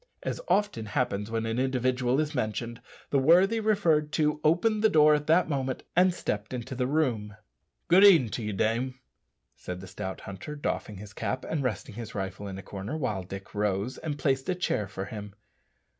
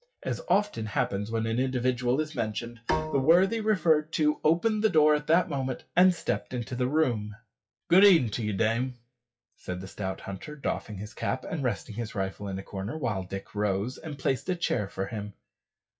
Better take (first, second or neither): first